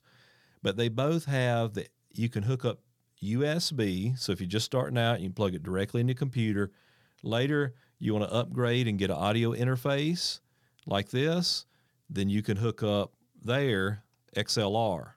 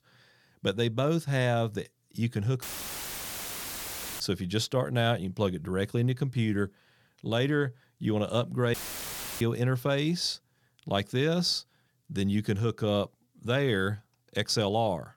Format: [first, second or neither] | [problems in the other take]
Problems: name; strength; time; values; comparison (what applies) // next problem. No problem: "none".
first | audio cutting out; filled with static; at 2.5 s for 1.5 s and at 8.5 s for 0.5 s